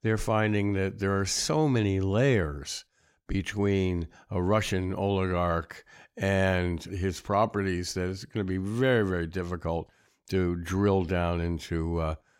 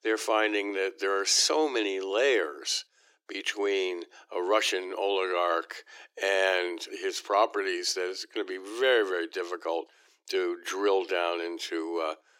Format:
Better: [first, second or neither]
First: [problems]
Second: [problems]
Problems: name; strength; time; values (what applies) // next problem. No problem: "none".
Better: first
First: none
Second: thin; very; fading below 300 Hz